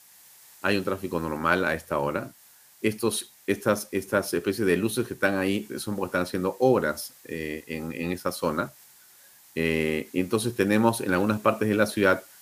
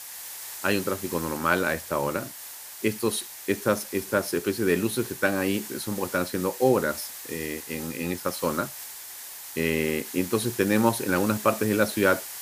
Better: first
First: hiss; faint; throughout; 25 dB below the speech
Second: hiss; loud; throughout; 10 dB below the speech

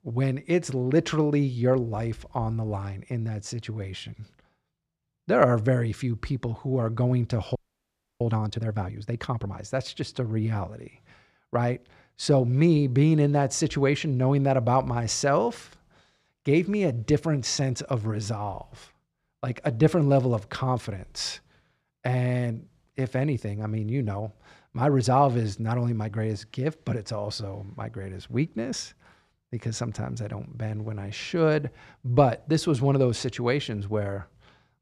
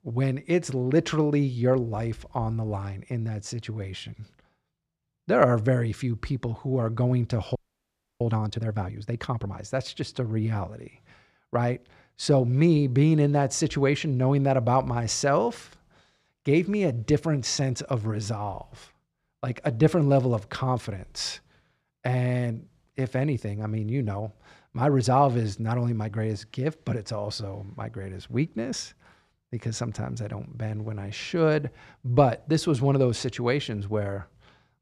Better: neither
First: audio freezing; at 7.5 s for 0.5 s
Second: audio freezing; at 7.5 s for 0.5 s

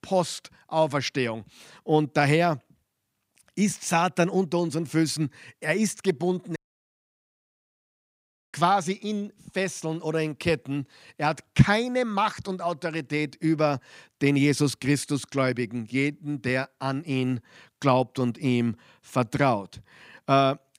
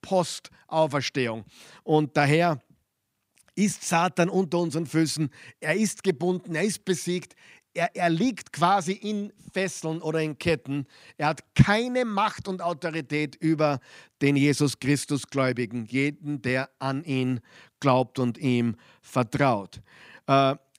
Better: second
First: audio cutting out; at 6.5 s for 2 s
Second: none

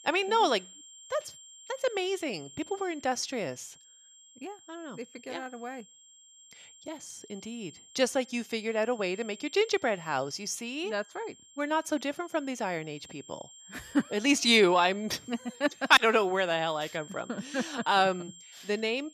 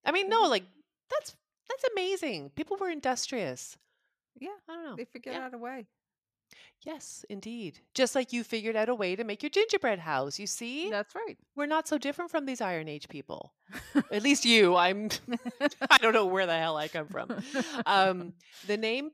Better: second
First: high-pitched whine; faint; throughout; 7.5 kHz, 20 dB below the speech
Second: none

